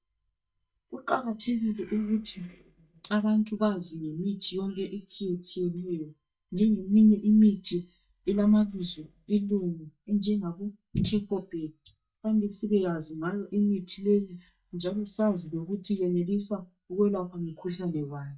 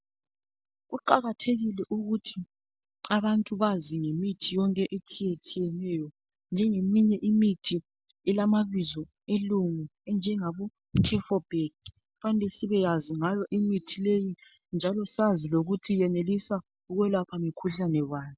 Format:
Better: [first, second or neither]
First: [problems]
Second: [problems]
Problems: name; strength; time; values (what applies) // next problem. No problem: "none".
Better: second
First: noise reduction (neural mask model DeepFilterNet 3)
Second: none